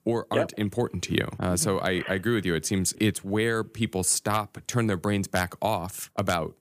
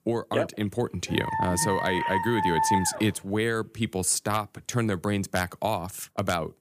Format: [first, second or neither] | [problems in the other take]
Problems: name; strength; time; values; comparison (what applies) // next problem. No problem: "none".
first | dog barking; loud; from 1 to 3 s; peak 3 dB above the speech